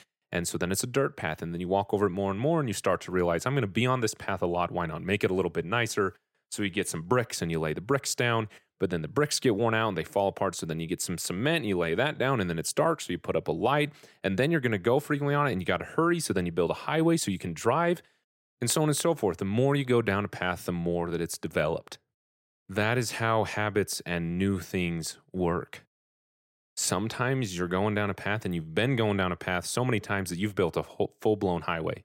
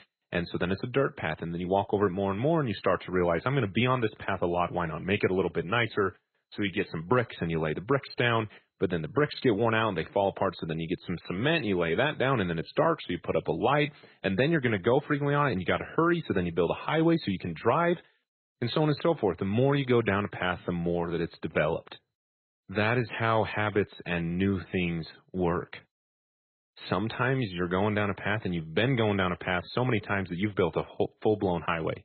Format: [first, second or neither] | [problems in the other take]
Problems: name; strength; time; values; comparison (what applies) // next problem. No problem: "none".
first | garbled, watery; badly; nothing above 4 kHz